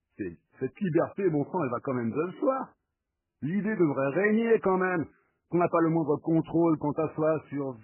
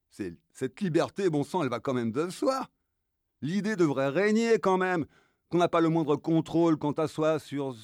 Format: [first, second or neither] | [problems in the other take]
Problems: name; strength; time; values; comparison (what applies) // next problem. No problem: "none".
second | garbled, watery; badly; nothing above 2.5 kHz